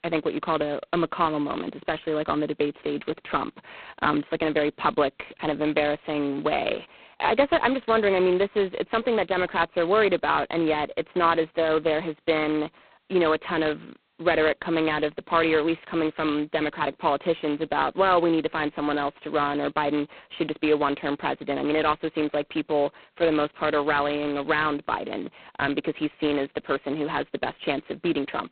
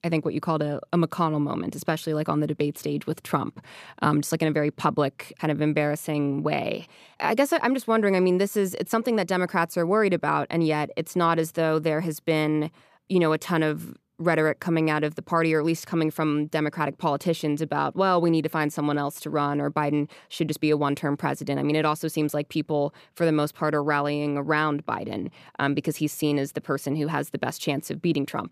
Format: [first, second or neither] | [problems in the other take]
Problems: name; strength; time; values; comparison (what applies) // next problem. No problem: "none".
second | phone-call audio; poor line; nothing above 4 kHz